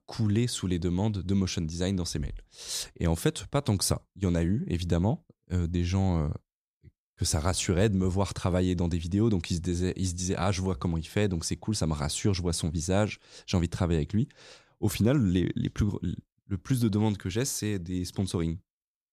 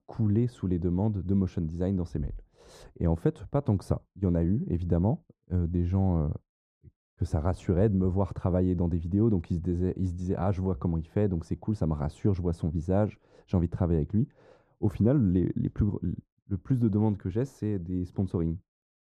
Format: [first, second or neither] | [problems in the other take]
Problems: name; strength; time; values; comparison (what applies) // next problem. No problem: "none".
first | muffled; very; fading above 2 kHz